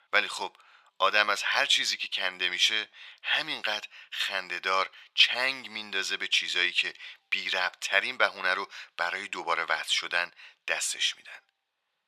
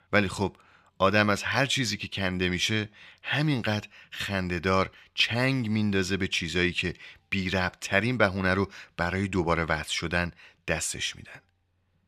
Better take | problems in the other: second | thin; very; fading below 850 Hz

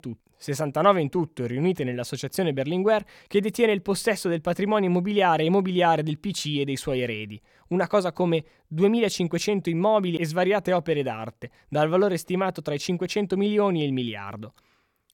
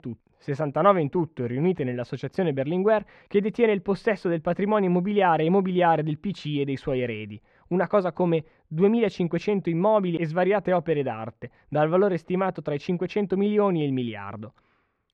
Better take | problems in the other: first | muffled; slightly; fading above 2 kHz

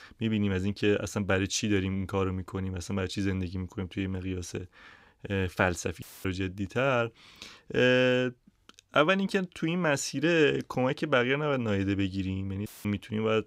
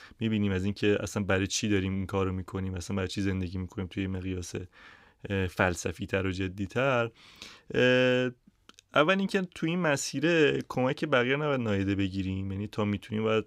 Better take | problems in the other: second | audio cutting out; filled with static; at 6 s and at 13 s

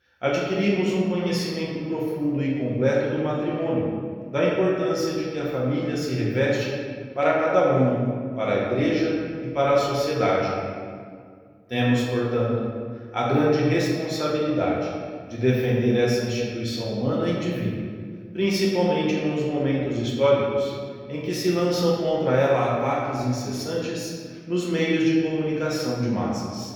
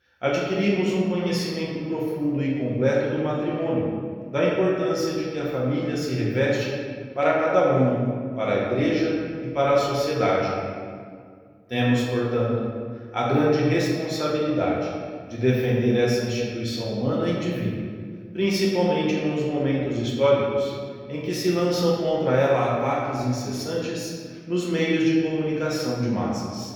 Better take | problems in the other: neither | room echo; noticeable; dies away in 1.7 s; the same in both // off-mic speech; far; the same in both

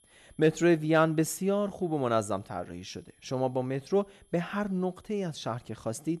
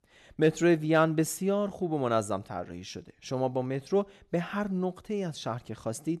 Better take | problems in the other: second | high-pitched whine; faint; throughout; 11 kHz, 35 dB below the speech

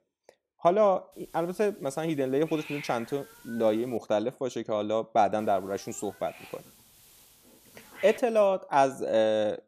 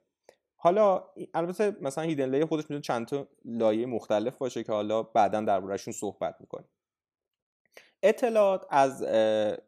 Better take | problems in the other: second | hiss; noticeable; from 1 to 4 s and from 5.5 to 8 s; 20 dB below the speech

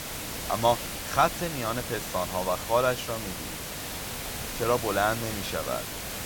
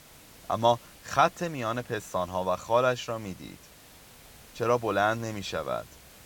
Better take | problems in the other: second | hiss; loud; throughout; 5 dB below the speech; faint in the second

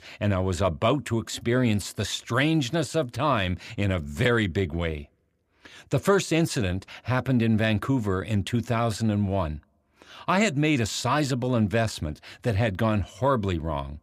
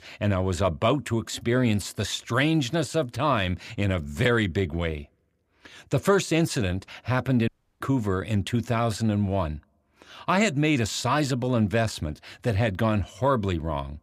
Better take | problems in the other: first | audio cutting out; at 7.5 s

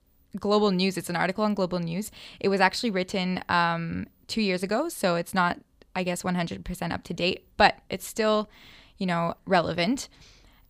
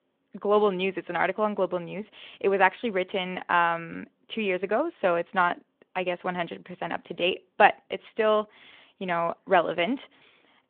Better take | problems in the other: first | phone-call audio

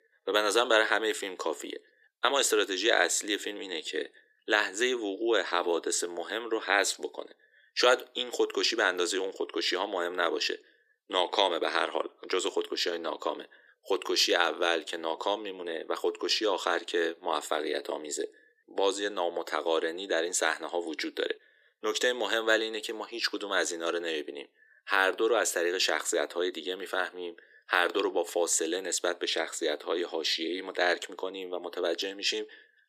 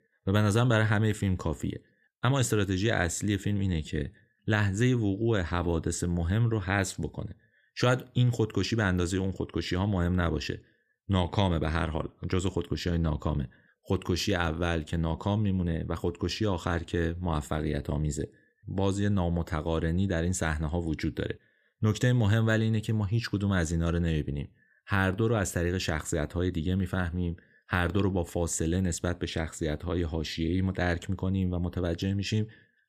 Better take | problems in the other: second | thin; very; fading below 350 Hz

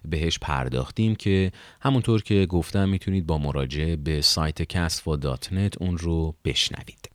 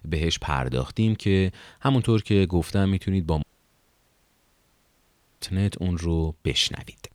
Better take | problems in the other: first | audio cutting out; at 3.5 s for 2 s

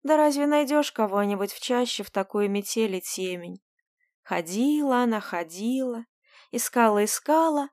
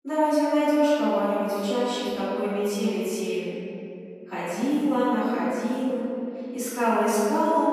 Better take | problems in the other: first | off-mic speech; far // room echo; strong; dies away in 2.7 s

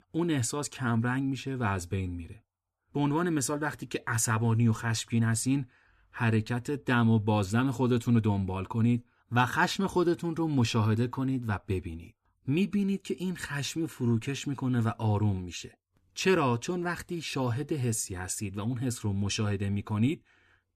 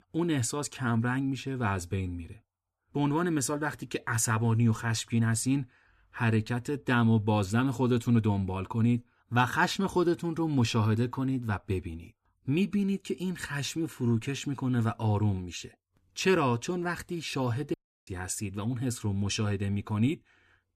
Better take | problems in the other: first | audio cutting out; at 18 s

